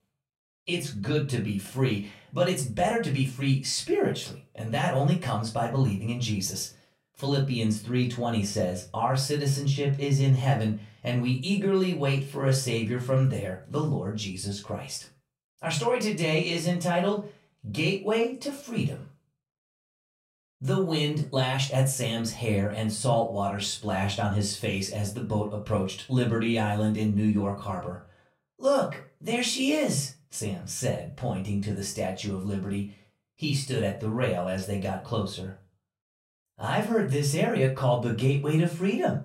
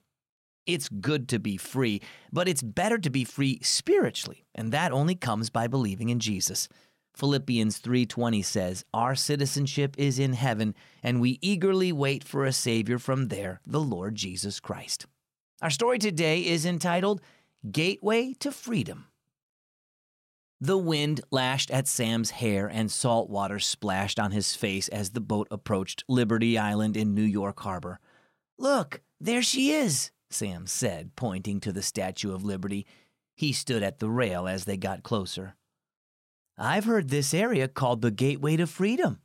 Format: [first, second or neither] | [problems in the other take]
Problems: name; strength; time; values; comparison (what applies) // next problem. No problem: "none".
second | off-mic speech; far // room echo; slight; dies away in 0.3 s